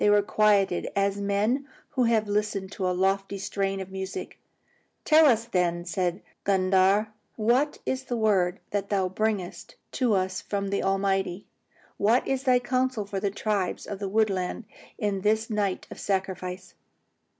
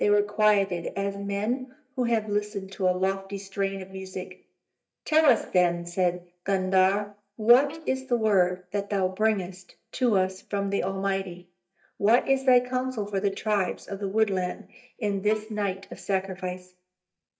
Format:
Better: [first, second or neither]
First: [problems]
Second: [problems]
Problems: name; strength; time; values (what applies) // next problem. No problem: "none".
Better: first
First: none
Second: noise reduction (neural mask model DeepFilterNet 3)